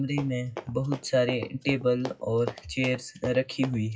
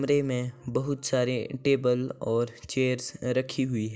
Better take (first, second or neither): second